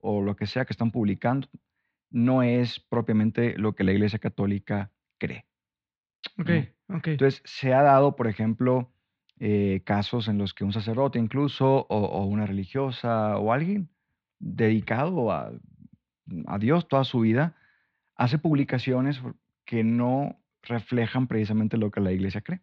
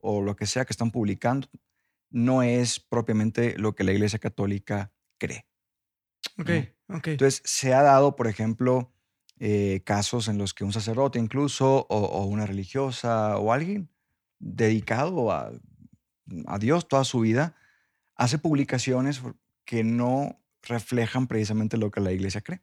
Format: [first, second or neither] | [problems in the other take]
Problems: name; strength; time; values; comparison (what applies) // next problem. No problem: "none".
second | muffled; slightly; fading above 4 kHz